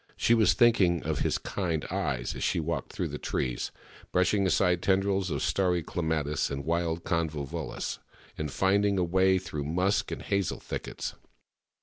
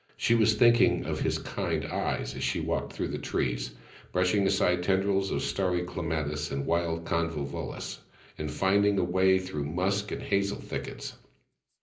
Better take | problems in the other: first | room echo; dies away in 0.5 s

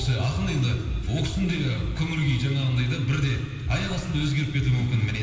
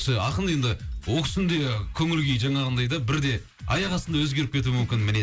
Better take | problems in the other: second | room echo; dies away in 2.5 s

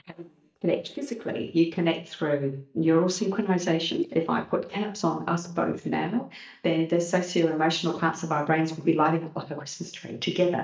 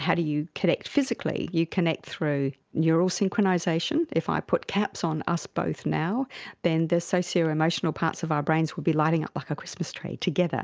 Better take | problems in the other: second | noise reduction (neural mask model DeepFilterNet 3)

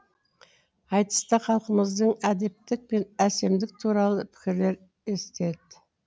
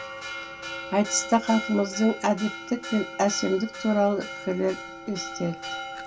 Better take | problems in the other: first | background sound (Church bell); 10 dB below the speech // room echo; dies away in 0.2 s

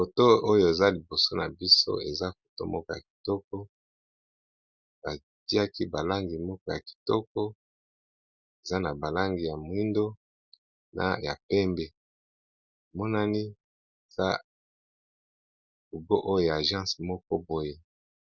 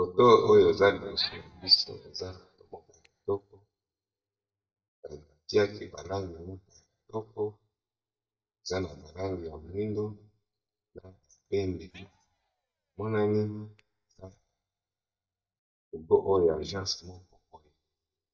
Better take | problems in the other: first | noise reduction (neural mask model DeepFilterNet 3)

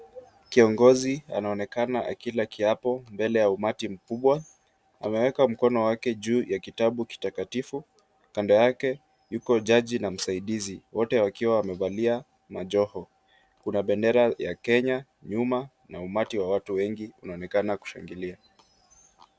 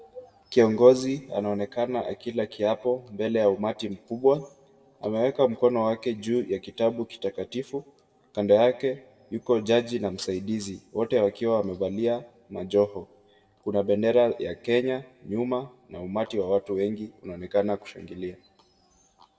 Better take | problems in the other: first | room echo; dies away in 0.6 s

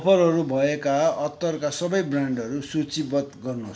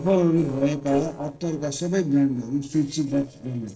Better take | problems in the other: first | noise reduction (neural separator model SepFormer DNS4)

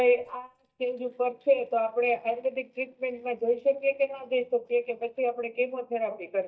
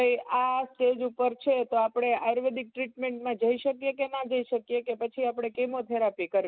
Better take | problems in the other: second | noise reduction (neural mask model DeepFilterNet 3)

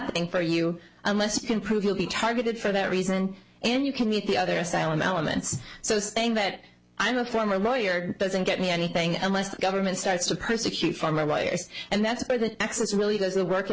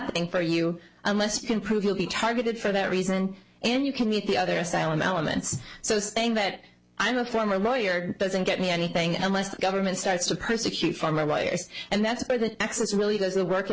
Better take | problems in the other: first | noise reduction (neural separator model SepFormer DNS4)

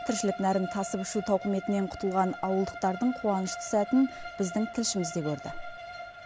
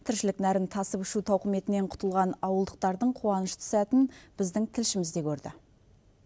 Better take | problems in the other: second | background sound (Bowed string instrument); 11 dB below the speech

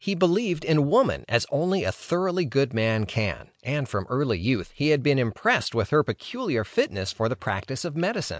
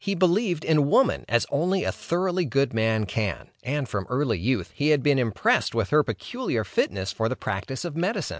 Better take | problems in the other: second | noise reduction (neural mask model Resemble Enhance denoiser)

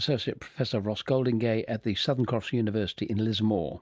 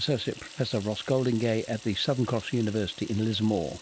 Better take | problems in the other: first | background sound (Sink (filling or washing) / Water tap, faucet); 19 dB below the speech

